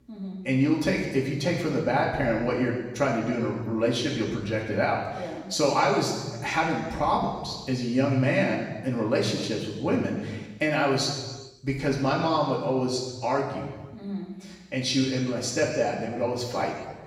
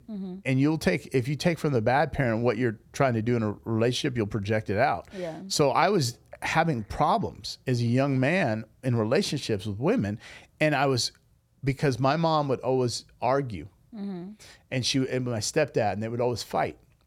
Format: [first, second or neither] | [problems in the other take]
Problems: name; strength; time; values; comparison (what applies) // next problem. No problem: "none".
second | room echo; noticeable; dies away in 1.2 s // off-mic speech; far